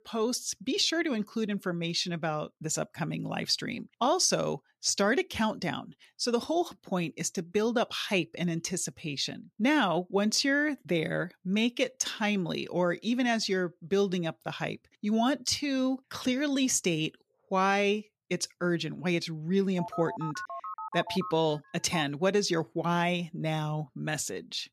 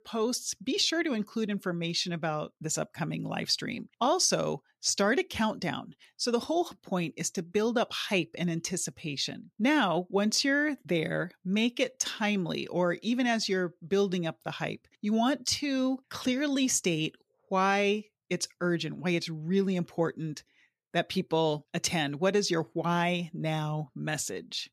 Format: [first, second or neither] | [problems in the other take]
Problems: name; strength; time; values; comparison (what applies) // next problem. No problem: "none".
second | phone ringing; noticeable; from 20 to 22 s; peak 9 dB below the speech